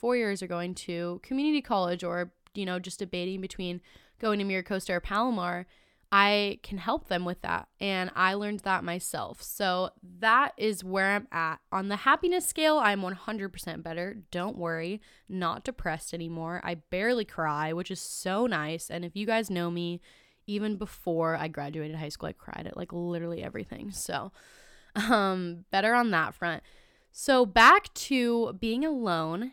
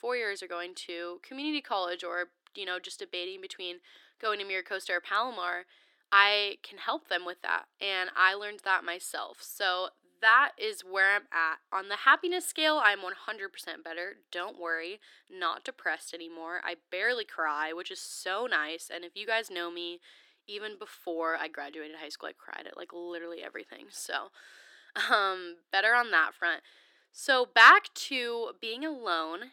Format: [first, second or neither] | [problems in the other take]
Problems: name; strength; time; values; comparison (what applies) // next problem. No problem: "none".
first | thin; very; fading below 300 Hz